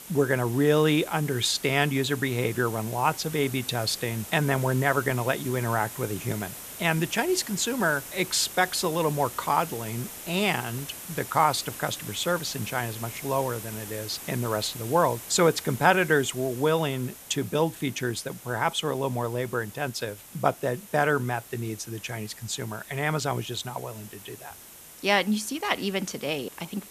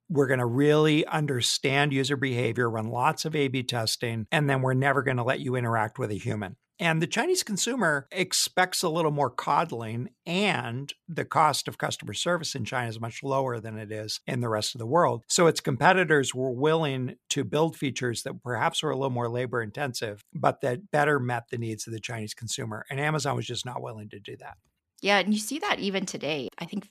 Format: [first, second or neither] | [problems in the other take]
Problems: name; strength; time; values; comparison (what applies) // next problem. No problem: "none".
second | hiss; noticeable; throughout; 15 dB below the speech